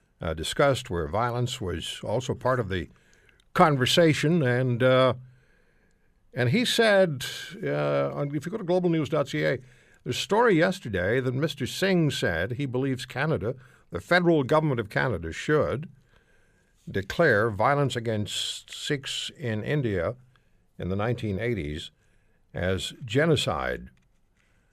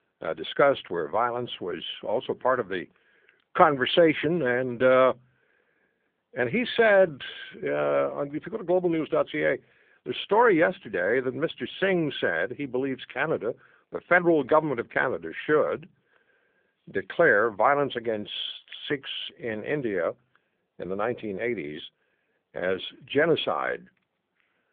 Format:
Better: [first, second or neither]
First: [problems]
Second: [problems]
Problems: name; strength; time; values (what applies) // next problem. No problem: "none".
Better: first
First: none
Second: phone-call audio; poor line; nothing above 3.5 kHz